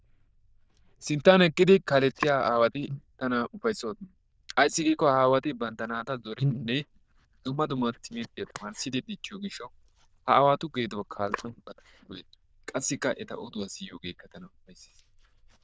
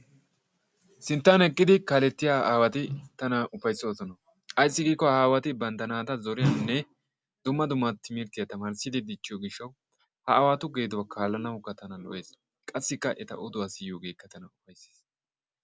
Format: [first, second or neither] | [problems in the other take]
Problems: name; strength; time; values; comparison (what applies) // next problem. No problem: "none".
second | noise reduction (neural diffusion model UNIVERSE++)